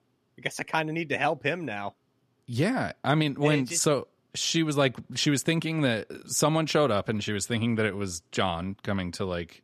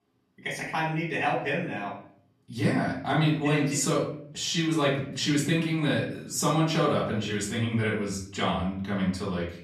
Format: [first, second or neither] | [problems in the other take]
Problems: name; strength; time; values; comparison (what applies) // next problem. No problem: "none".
first | off-mic speech; far // room echo; noticeable; dies away in 0.5 s